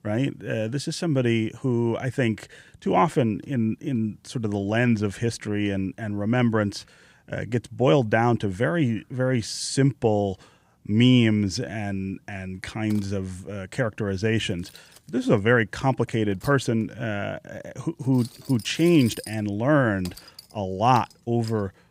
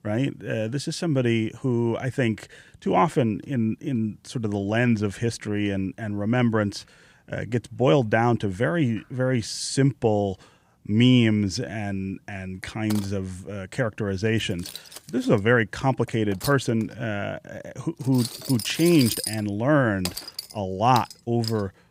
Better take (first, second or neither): first